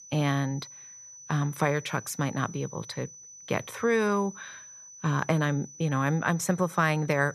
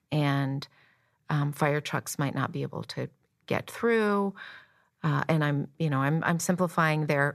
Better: second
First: high-pitched whine; noticeable; throughout; 6 kHz, 15 dB below the speech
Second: none

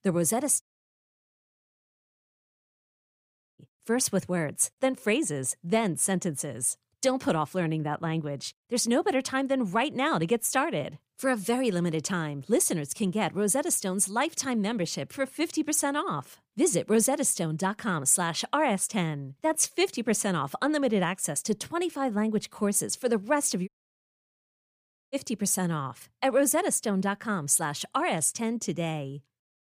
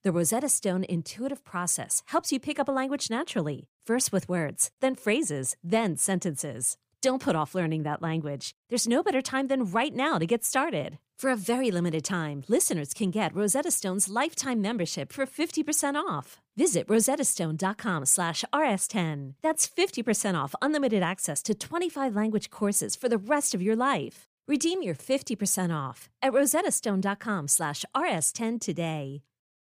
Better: second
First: audio cutting out; at 0.5 s for 3 s and at 24 s for 1.5 s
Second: none

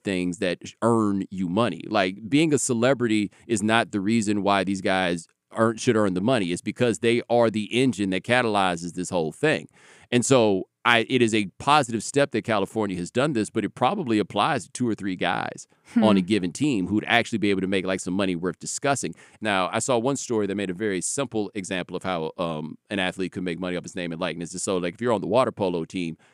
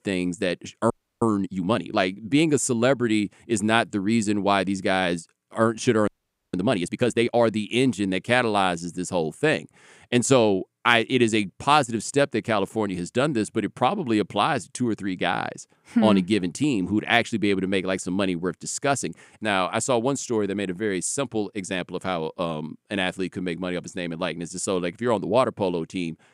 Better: first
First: none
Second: audio freezing; at 1 s and at 6 s

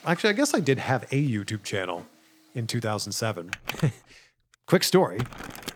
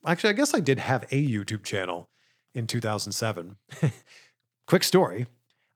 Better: second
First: household noises; noticeable; throughout; 15 dB below the speech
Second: none

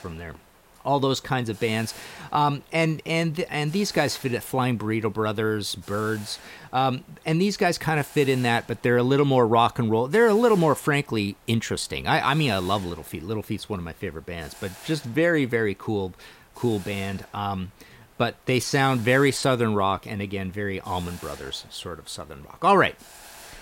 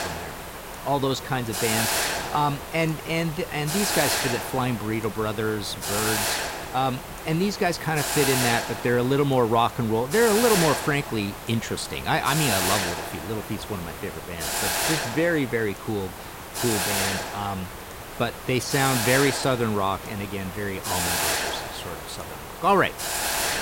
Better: first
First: hiss; faint; throughout; 25 dB below the speech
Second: hiss; loud; throughout; 3 dB below the speech

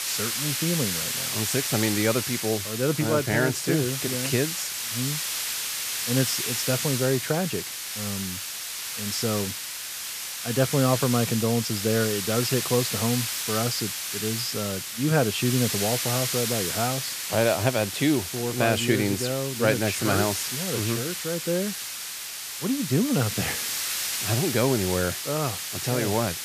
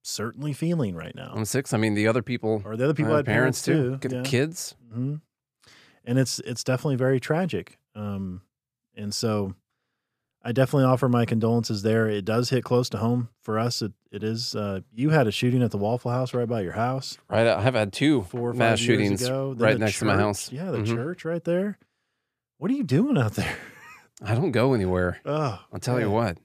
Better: second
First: hiss; loud; throughout; 2 dB below the speech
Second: none

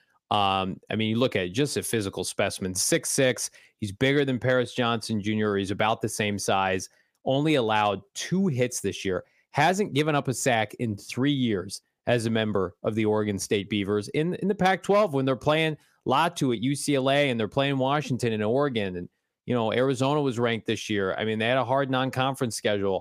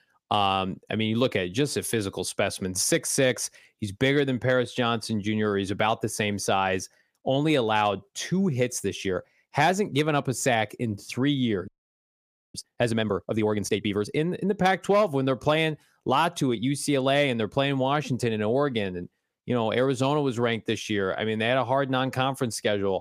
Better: first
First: none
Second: audio freezing; at 12 s for 1 s

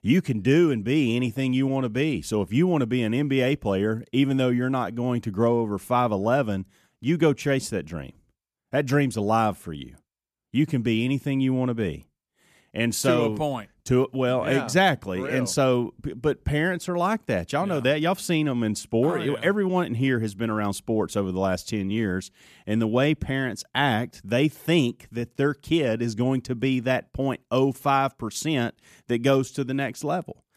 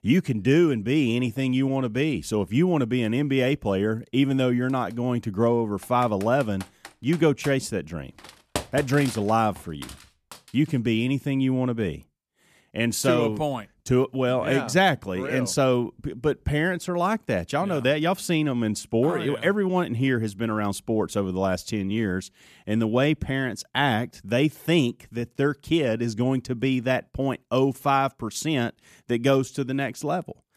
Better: first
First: none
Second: keyboard typing; noticeable; from 6 to 10 s; peak 7 dB below the speech

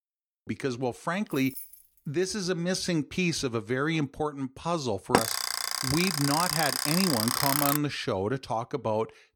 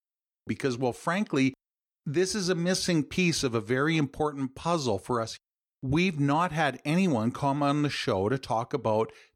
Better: second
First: jangling keys; faint; at 1.5 s; peak 10 dB below the speech // alarm; loud; from 5 to 8 s; peak 5 dB above the speech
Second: none

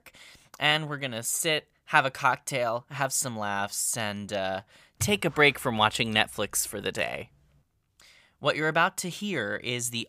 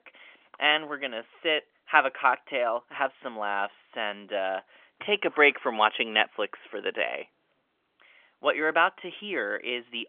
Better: first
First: none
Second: phone-call audio; nothing above 3.5 kHz

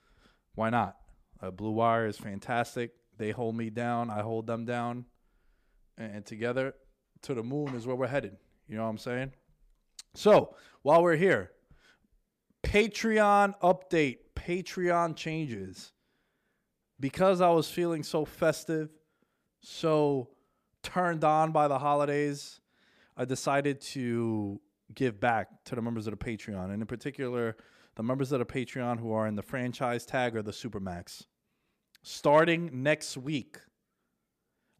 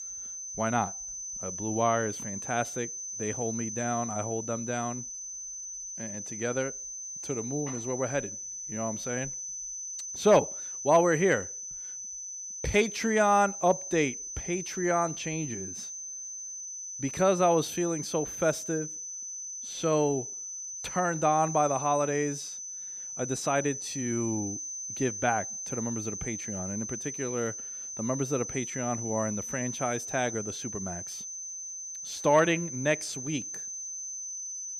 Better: first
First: none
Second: high-pitched whine; loud; throughout; 6 kHz, 6 dB below the speech

